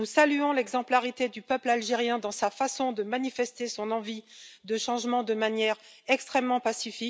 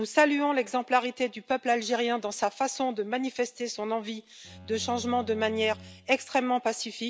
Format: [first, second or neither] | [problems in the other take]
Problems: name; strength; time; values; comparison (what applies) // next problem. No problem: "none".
first | background sound (Bowed string instrument); 19 dB below the speech